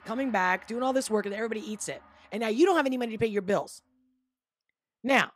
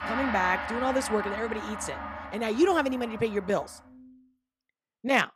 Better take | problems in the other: first | background music; loud; until 3.5 s; 7 dB below the speech; faint in the first

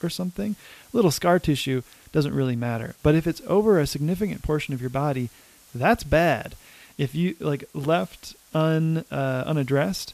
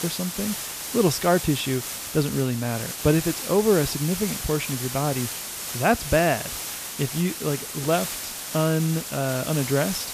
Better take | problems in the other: first | hiss; loud; throughout; 6 dB below the speech; faint in the first

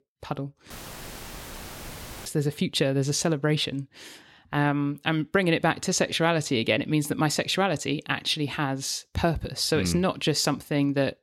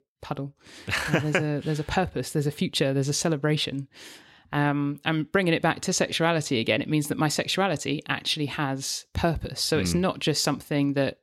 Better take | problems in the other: second | audio cutting out; filled with static; at 0.5 s for 1.5 s

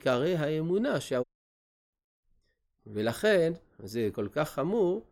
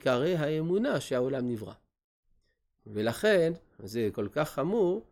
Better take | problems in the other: second | audio cutting out; at 1 s for 0.5 s

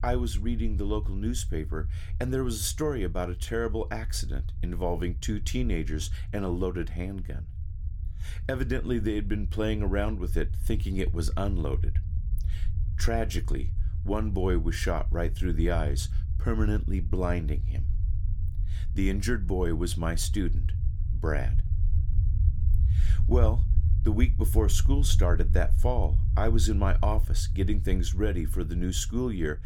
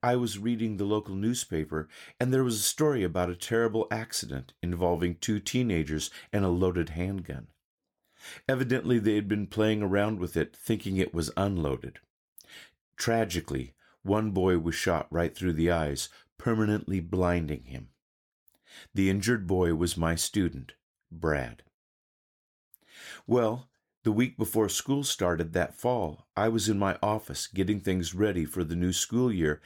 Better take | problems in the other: second | low rumble; noticeable; throughout; 15 dB below the speech

